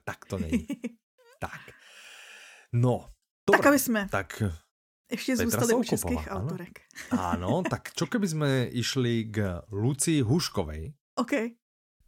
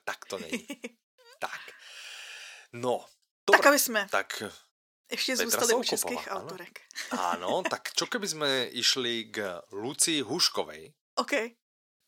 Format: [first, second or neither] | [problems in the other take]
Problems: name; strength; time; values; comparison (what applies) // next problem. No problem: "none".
first | thin; somewhat; fading below 450 Hz